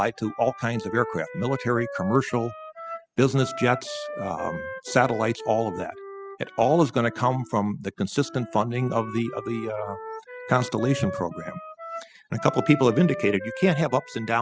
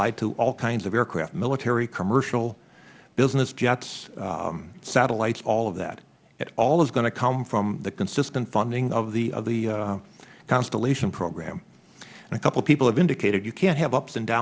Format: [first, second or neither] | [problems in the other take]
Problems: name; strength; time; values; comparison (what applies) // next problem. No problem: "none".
second | noise reduction (classical method spectral subtraction)